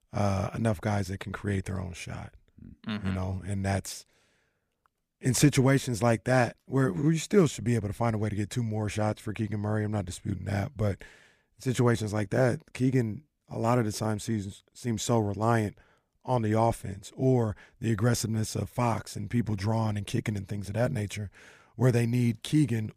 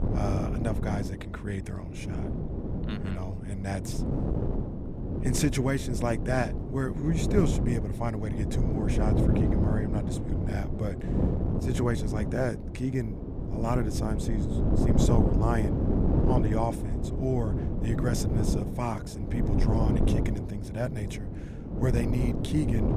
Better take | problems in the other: first | wind noise on the microphone; heavy; 2 dB below the speech

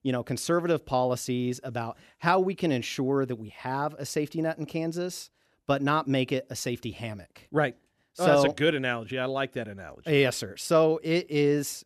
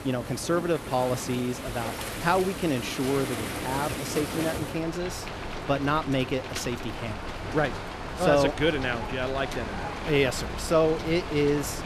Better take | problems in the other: first | rain or running water; loud; throughout; 7 dB below the speech

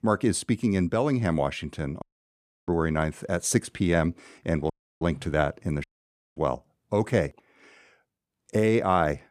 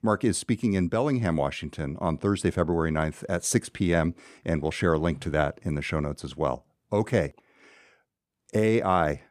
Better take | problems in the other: second | audio cutting out; at 2 s for 0.5 s, at 4.5 s and at 6 s for 0.5 s

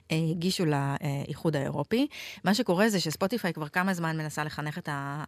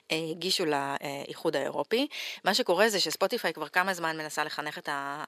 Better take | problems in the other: first | thin; somewhat; fading below 450 Hz

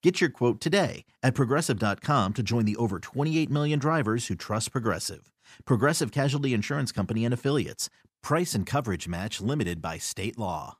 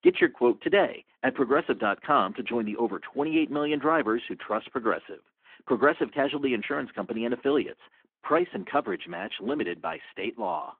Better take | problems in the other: first | phone-call audio

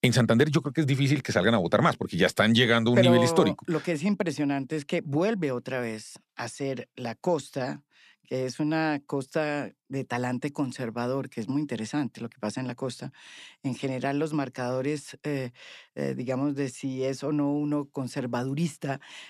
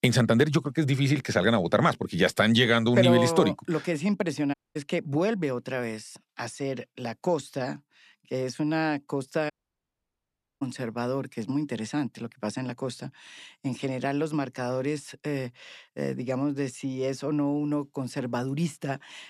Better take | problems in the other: first | audio cutting out; at 4.5 s and at 9.5 s for 1 s

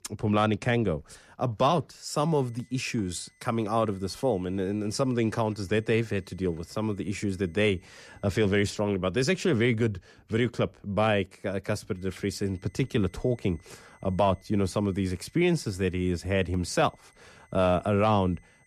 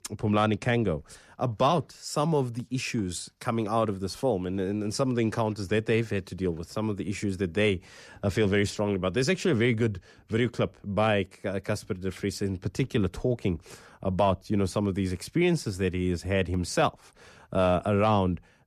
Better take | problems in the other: second | high-pitched whine; faint; from 2 to 8.5 s and from 12 s on; 2 kHz, 35 dB below the speech

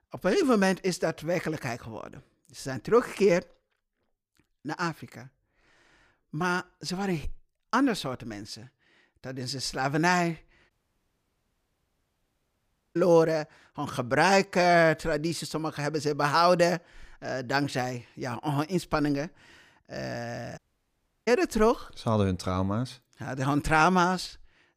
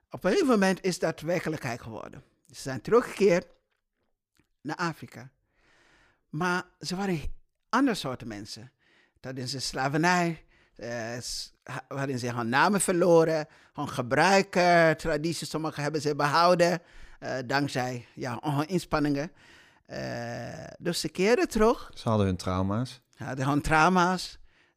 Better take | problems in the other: second | audio cutting out; at 11 s for 2.5 s and at 21 s for 0.5 s

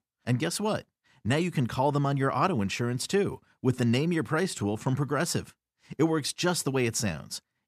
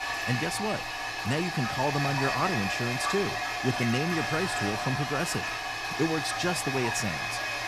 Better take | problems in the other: first | household noises; very loud; throughout; as loud as the speech

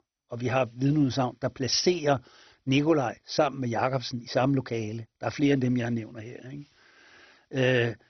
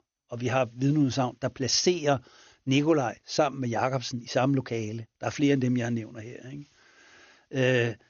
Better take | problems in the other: second | garbled, watery; badly; nothing above 6 kHz; slightly in the second

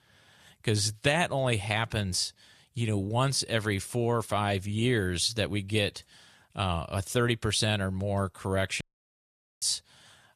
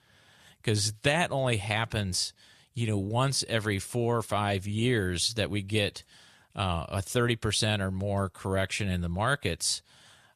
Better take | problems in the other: second | audio cutting out; at 9 s for 1 s

